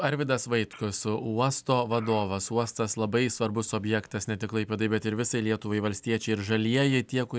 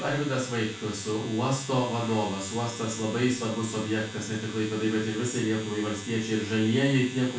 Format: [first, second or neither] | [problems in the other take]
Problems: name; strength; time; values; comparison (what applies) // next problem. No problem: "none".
first | background sound (Domestic sounds, home sounds); 15 dB below the speech // room echo; dies away in 0.4 s